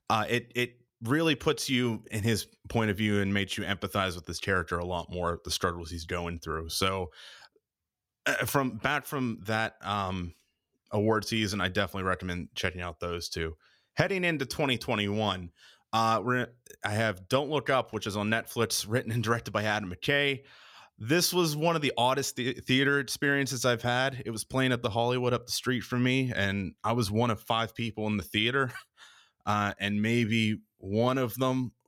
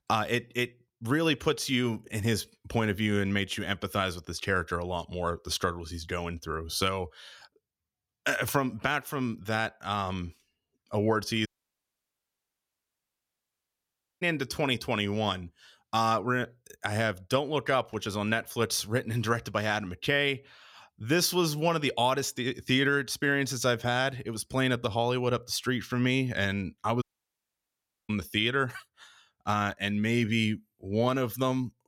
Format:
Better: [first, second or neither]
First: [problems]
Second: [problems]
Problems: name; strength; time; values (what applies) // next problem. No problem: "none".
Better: first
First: none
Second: audio cutting out; at 11 s for 3 s and at 27 s for 1 s